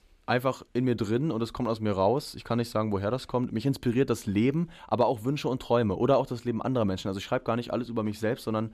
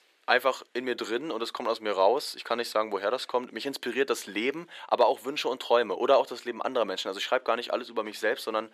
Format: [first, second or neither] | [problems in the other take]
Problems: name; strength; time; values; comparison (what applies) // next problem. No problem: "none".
first | thin; very; fading below 400 Hz